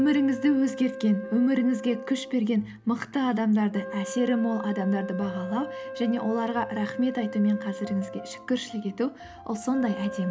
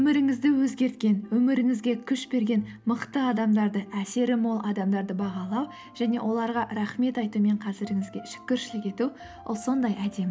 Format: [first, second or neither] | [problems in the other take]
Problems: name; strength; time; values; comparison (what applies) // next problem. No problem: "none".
second | background sound (Wind instrument, woodwind instrument); 12 dB below the speech